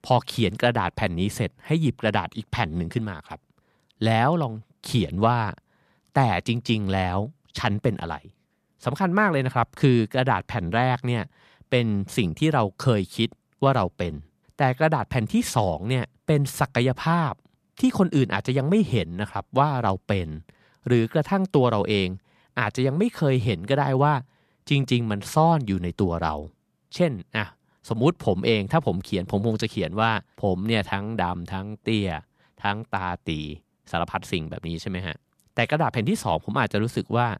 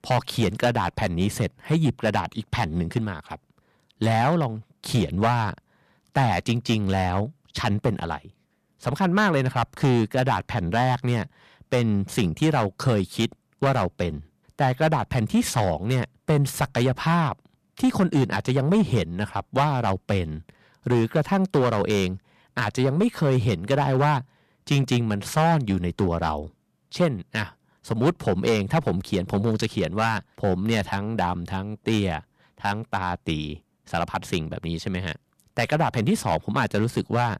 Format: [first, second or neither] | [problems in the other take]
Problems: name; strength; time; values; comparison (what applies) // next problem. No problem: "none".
first | distortion; slight; 5% of the sound clipped